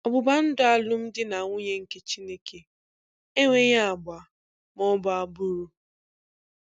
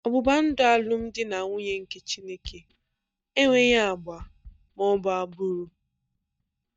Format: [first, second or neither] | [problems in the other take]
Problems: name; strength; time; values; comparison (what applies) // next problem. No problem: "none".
first | noise reduction (neural mask model DeepFilterNet 3)